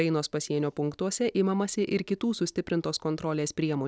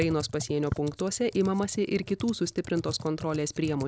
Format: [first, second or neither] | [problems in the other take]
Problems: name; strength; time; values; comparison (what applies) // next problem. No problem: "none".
first | background sound (Computer keyboard); 12 dB below the speech